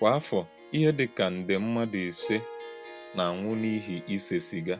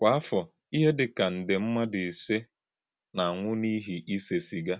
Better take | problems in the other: second | background sound (Harp); 16 dB below the speech

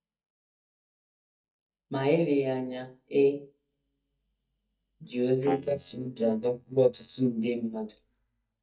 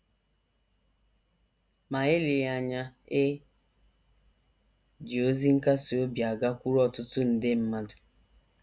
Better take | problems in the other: second | noise reduction (neural mask model DeepFilterNet 3)

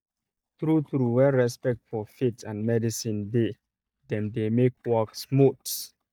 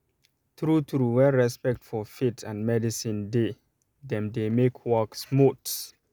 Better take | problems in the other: second | noise reduction (neural mask model DeepFilterNet 3)

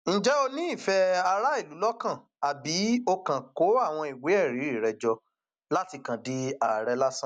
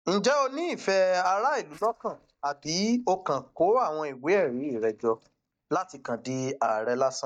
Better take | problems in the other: first | noise reduction (neural mask model DeepFilterNet 3)

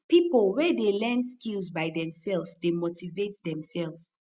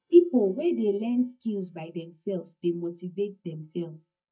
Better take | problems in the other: first | noise reduction (neural mask model DeepFilterNet 3)

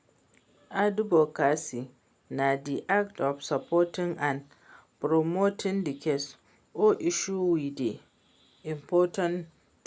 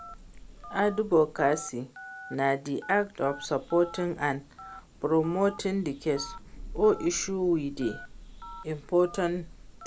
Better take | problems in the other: first | background sound (Telephone + Thunder / Rain); 16 dB below the speech

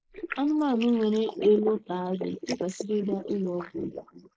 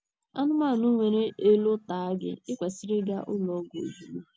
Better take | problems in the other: second | noise reduction (neural mask model Resemble Enhance denoiser)

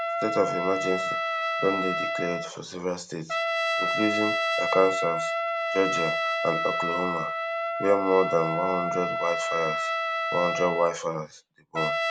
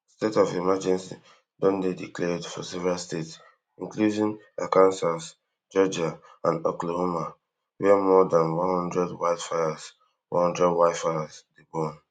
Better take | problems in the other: second | background sound (Trumpet); as loud as the speech

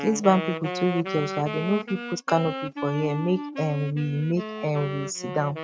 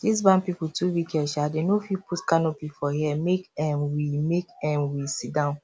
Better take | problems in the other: second | noise reduction (neural mask model RNNoise)

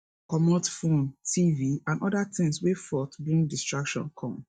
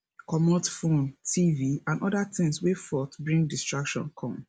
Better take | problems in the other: second | noise reduction (neural mask model DeepFilterNet 3)

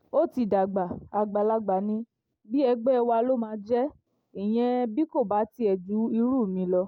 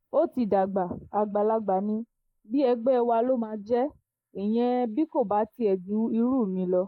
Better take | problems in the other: first | noise reduction (neural mask model Resemble Enhance denoiser)

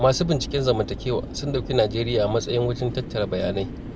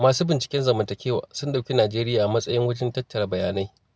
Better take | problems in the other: second | background sound (Mechanical fan); 10 dB below the speech

